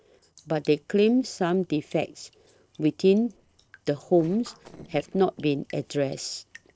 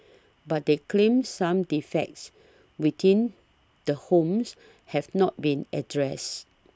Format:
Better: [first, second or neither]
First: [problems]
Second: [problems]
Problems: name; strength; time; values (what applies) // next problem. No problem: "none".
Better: second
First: noise reduction (neural separator model SepFormer DNS4)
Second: none